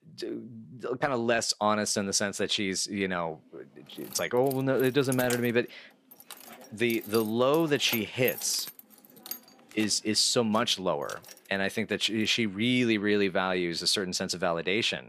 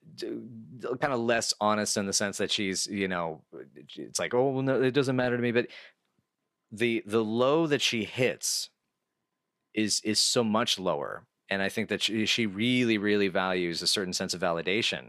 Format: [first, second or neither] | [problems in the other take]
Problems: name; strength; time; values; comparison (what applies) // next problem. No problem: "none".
second | jangling keys; noticeable; from 4 to 11 s; peak 7 dB below the speech